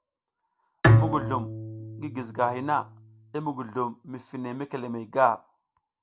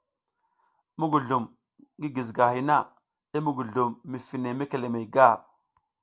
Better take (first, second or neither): second